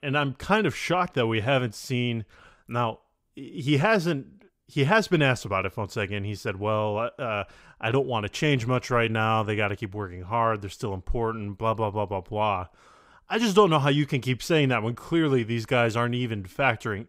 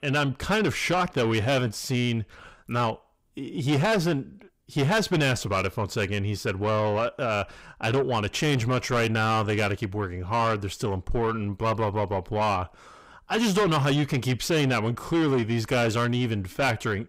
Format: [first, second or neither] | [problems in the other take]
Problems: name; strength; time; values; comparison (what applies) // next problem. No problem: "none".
first | distortion; heavy; 8 dB below the speech